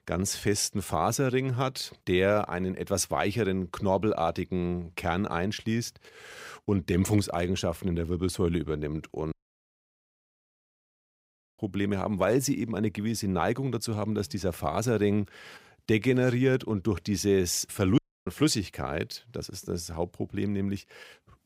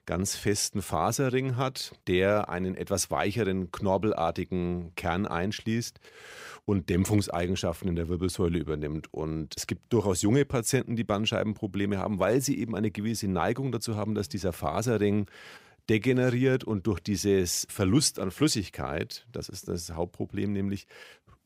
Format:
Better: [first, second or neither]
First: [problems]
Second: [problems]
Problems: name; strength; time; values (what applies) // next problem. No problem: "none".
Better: second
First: audio cutting out; at 9.5 s for 2.5 s and at 18 s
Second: none